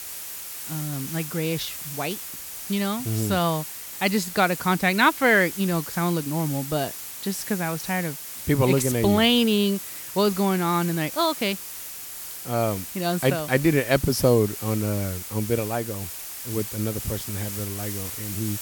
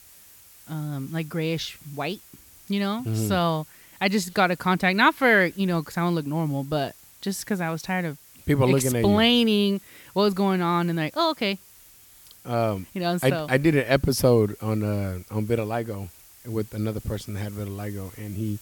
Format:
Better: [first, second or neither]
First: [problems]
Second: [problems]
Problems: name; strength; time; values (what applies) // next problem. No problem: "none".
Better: second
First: hiss; loud; throughout; 8 dB below the speech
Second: hiss; faint; throughout; 25 dB below the speech